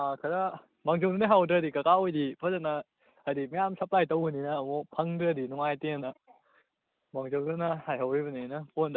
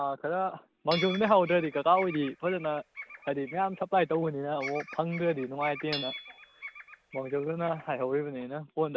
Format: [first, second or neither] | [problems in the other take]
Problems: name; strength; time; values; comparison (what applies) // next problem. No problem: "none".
first | background sound (Bird vocalization, bird call, bird song + Hammer / Chink, clink); 14 dB below the speech